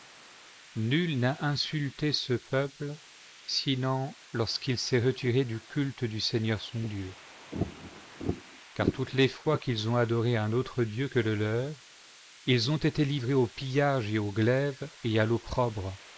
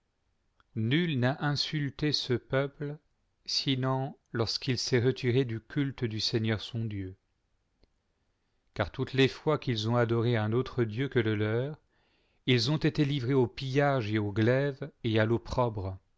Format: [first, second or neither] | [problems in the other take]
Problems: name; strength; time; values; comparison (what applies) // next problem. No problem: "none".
second | noise reduction (neural mask model Resemble Enhance denoiser)